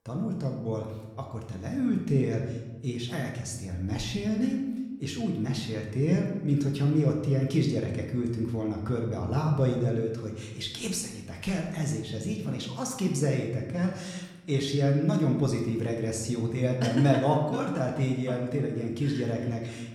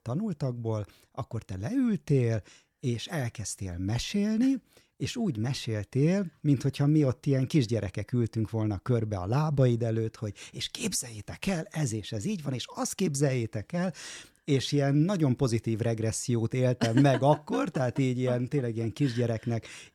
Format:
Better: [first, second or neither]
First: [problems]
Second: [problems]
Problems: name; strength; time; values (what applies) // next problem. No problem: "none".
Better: second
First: room echo; slight; dies away in 0.9 s // off-mic speech; somewhat distant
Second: none